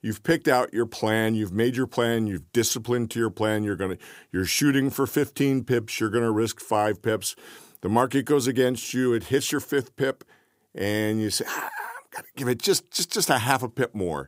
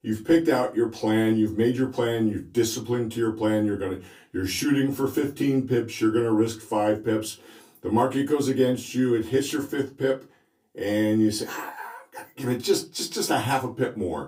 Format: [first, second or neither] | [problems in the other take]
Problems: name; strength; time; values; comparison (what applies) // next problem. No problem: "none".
first | off-mic speech; far // room echo; very slight; dies away in 0.2 s